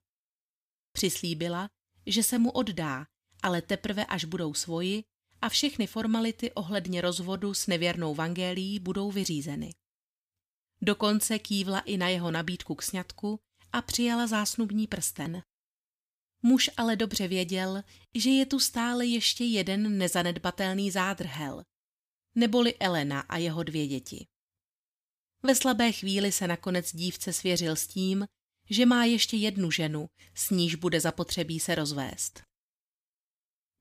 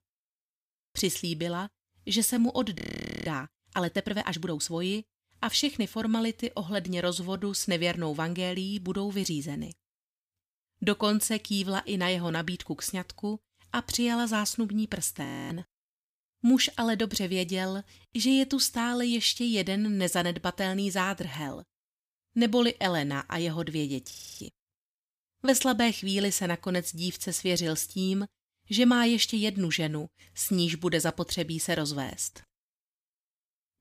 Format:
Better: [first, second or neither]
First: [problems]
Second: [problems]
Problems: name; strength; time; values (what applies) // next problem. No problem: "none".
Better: first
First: none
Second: audio freezing; at 3 s, at 15 s and at 24 s